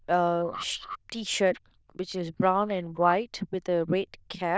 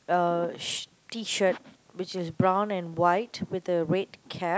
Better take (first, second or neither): second